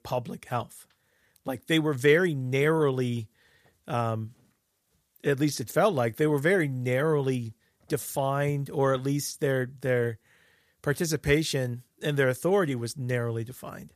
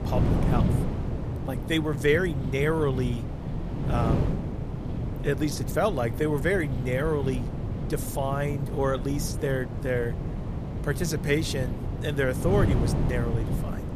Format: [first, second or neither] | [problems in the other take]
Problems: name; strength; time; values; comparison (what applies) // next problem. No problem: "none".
first | wind noise on the microphone; heavy; 8 dB below the speech